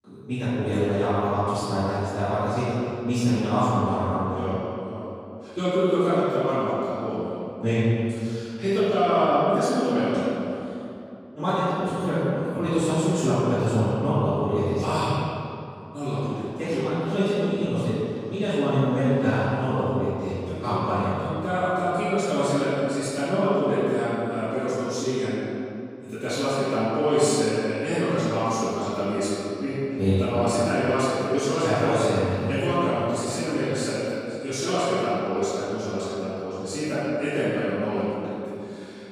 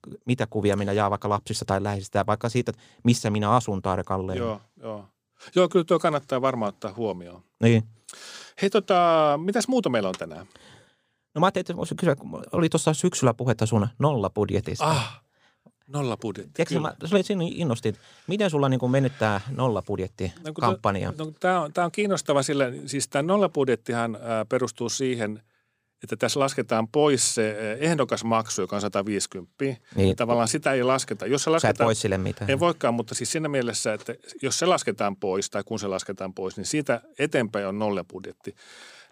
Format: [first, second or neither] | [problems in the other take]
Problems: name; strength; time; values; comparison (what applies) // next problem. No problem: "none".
second | off-mic speech; far // room echo; strong; dies away in 2.4 s